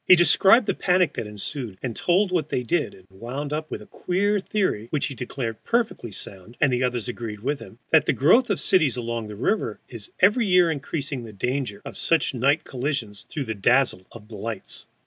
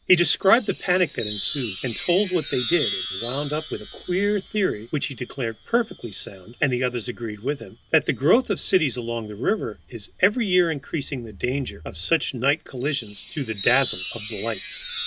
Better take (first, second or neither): first